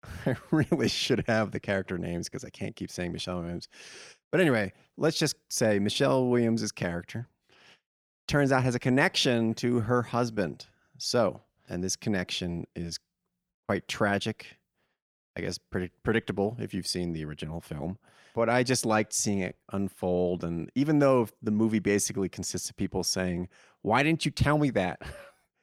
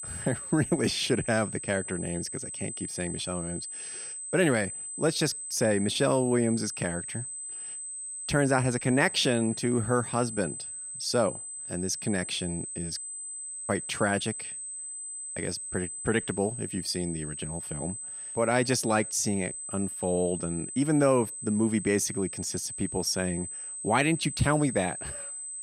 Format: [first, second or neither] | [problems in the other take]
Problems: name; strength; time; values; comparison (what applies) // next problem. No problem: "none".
first | high-pitched whine; loud; throughout; 8 kHz, 7 dB below the speech